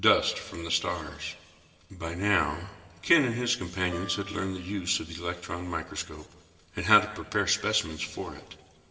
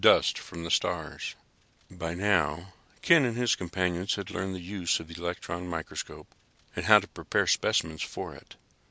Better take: second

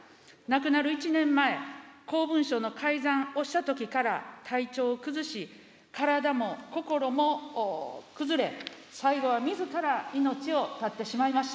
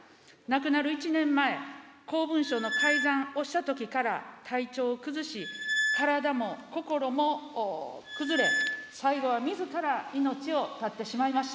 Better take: first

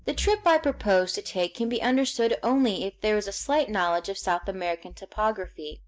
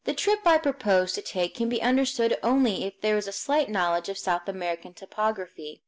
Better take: second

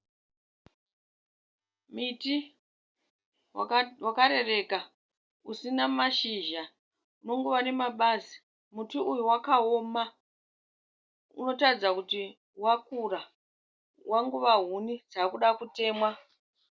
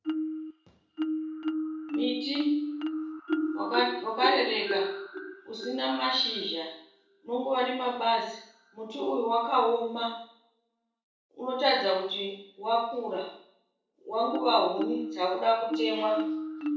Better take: first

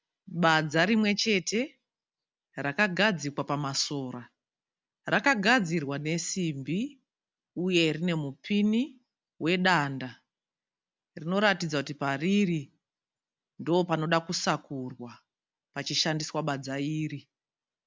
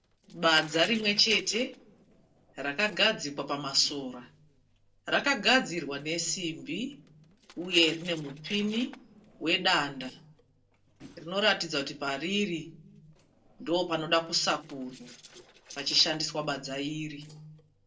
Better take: first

